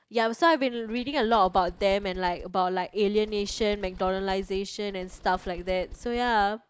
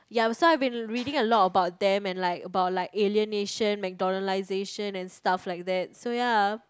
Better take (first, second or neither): second